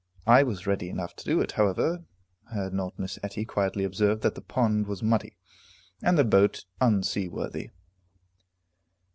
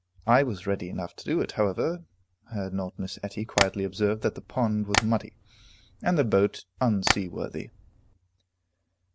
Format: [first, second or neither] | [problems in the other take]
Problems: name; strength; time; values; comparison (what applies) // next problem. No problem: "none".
first | background sound (Tap); 3 dB below the speech